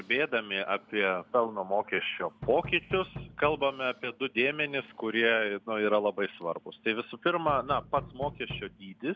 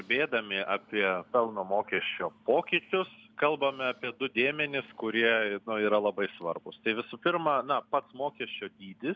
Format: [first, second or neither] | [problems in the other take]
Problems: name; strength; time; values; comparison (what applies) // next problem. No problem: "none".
second | background sound (Knock); 13 dB below the speech